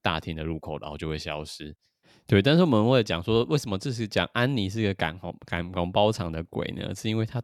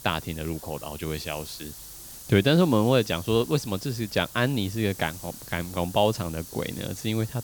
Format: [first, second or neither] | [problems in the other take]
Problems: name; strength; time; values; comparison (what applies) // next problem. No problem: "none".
first | hiss; noticeable; throughout; 15 dB below the speech